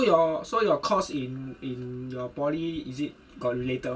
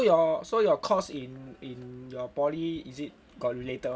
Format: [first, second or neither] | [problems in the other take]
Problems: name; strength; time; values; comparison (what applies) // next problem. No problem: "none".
second | room echo; dies away in 0.1 s